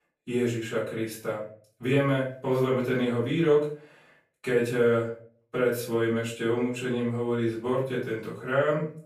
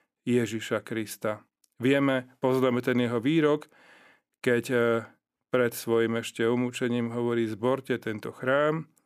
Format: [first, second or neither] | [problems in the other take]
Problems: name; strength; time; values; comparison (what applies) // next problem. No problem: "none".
second | off-mic speech; far // room echo; noticeable; dies away in 0.4 s